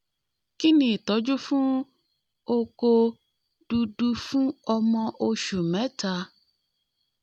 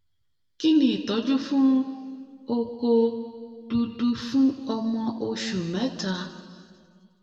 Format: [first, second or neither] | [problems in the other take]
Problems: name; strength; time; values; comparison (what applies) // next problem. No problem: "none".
first | room echo; dies away in 1.7 s